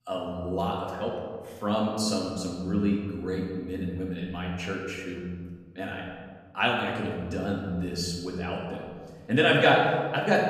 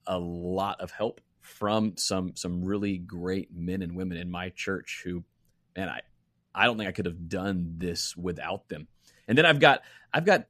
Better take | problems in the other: second | room echo; noticeable; dies away in 1.5 s // off-mic speech; far

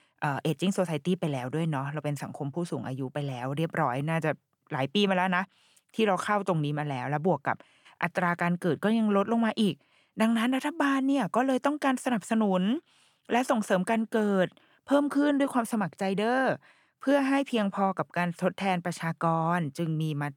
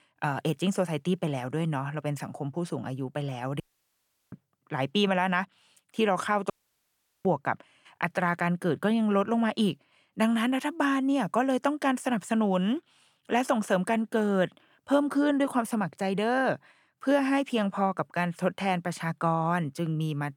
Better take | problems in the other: first | audio cutting out; at 3.5 s for 0.5 s and at 6.5 s for 1 s

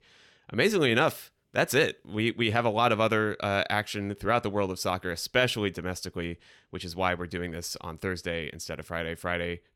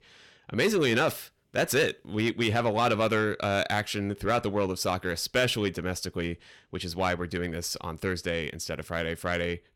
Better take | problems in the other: first | distortion; slight; 10 dB below the speech

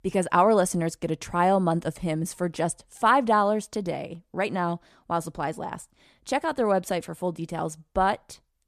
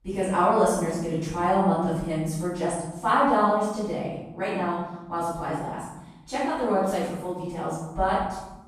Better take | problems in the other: first | off-mic speech; far // room echo; strong; dies away in 1 s

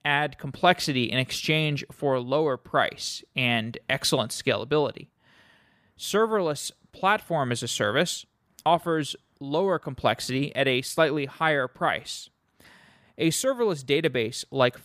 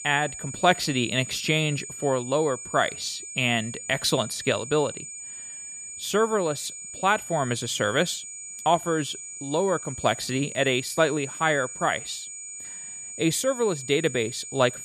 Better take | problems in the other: first | high-pitched whine; loud; throughout; 7 kHz, 10 dB below the speech

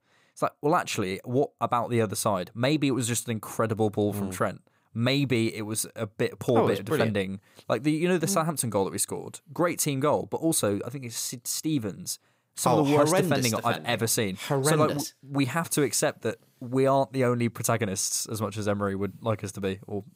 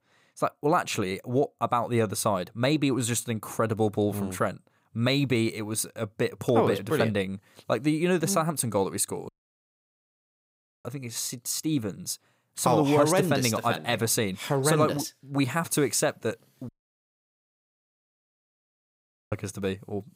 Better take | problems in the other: first | audio cutting out; at 9.5 s for 1.5 s and at 17 s for 2.5 s

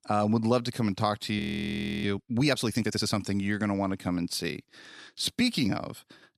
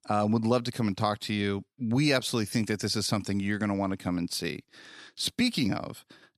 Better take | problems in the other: second | audio freezing; at 1.5 s for 0.5 s

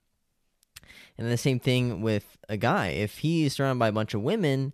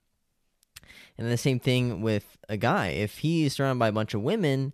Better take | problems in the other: neither | none

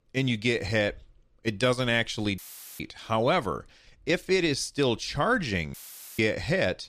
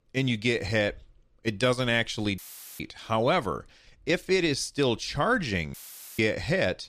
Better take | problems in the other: neither | audio cutting out; filled with static; at 2.5 s and at 5.5 s; the same in both

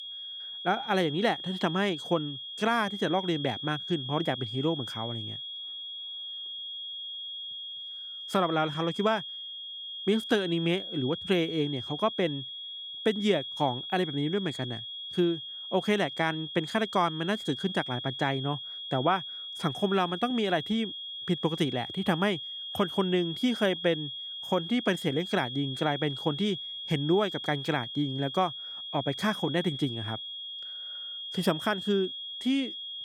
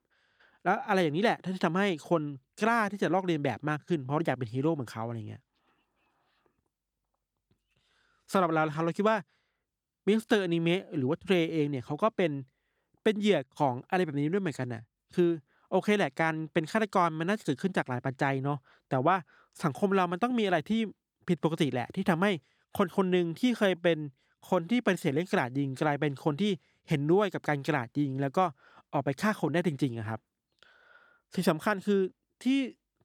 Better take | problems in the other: second | high-pitched whine; loud; throughout; 3.5 kHz, 7 dB below the speech

